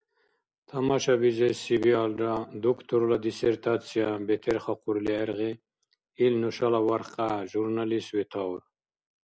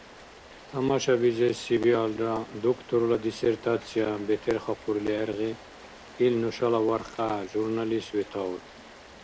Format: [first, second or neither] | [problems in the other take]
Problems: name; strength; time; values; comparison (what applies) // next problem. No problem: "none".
first | background sound (Rain); 20 dB below the speech